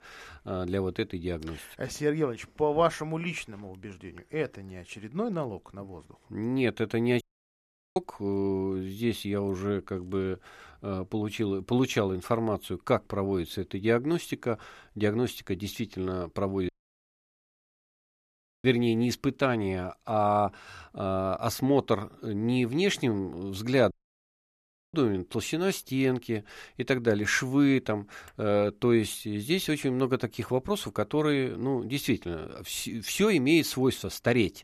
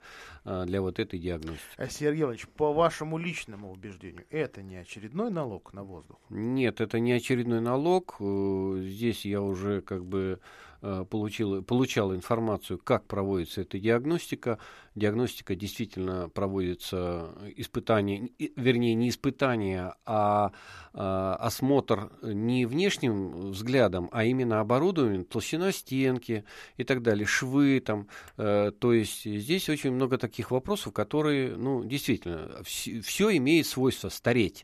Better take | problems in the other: second | audio cutting out; at 7 s for 1 s, at 17 s for 2 s and at 24 s for 1 s

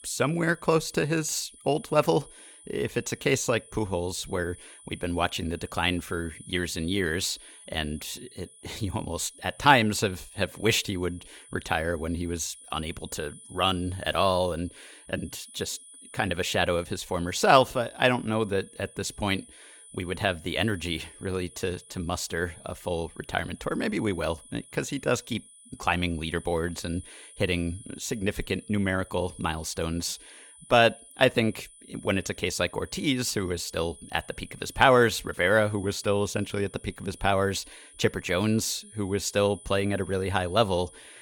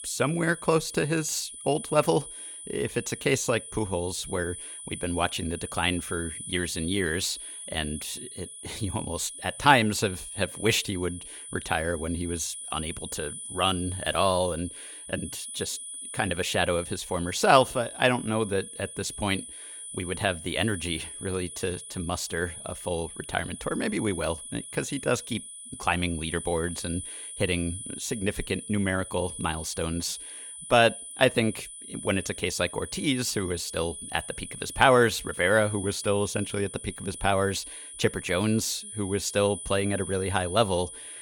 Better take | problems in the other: first | high-pitched whine; loud; throughout; 10 kHz, 10 dB below the speech; faint in the first

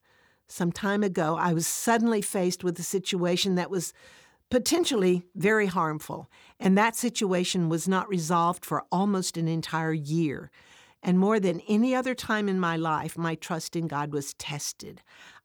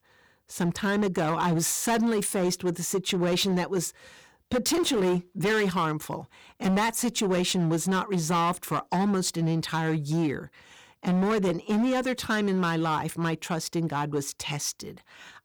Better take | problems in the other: first | distortion; slight; 13% of the sound clipped

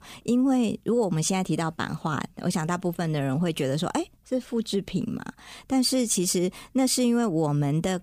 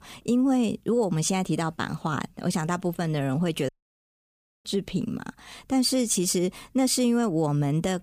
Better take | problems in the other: first | audio cutting out; at 3.5 s for 1 s

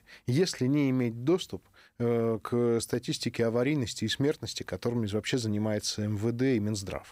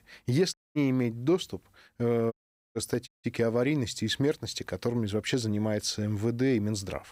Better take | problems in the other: first | audio cutting out; at 0.5 s, at 2.5 s and at 3 s

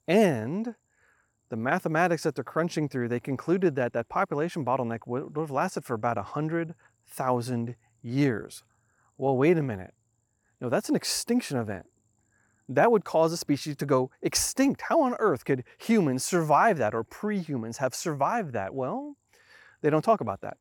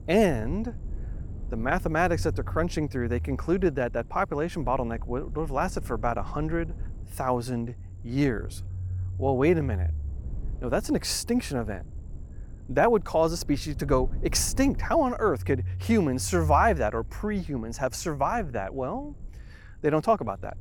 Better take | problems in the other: first | low rumble; faint; throughout; 25 dB below the speech

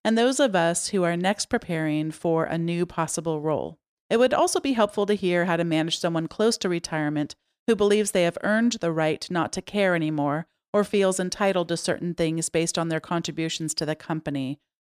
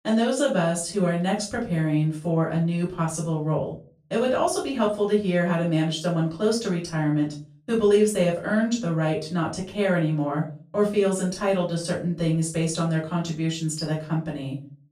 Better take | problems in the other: first | off-mic speech; far // room echo; slight; dies away in 0.4 s

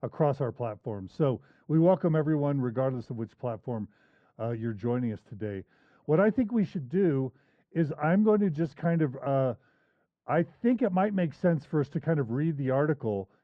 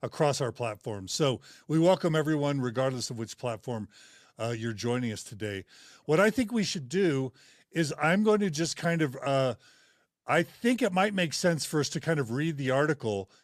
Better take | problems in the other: second | muffled; very; fading above 1 kHz

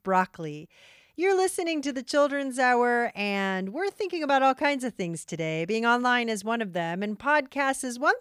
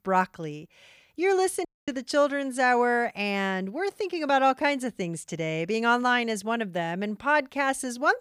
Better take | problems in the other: first | audio cutting out; at 1.5 s

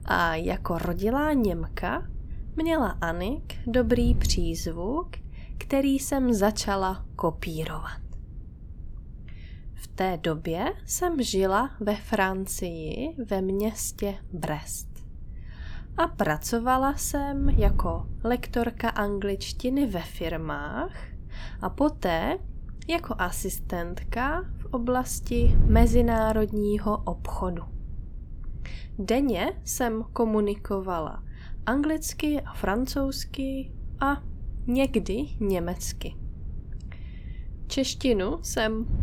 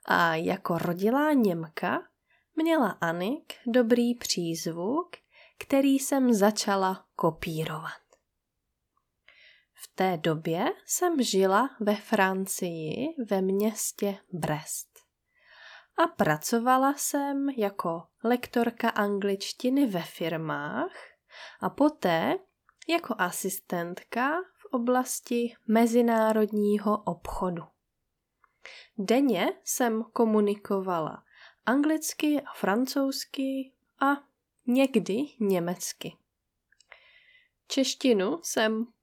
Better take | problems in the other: second | wind noise on the microphone; occasional gusts; 25 dB below the speech

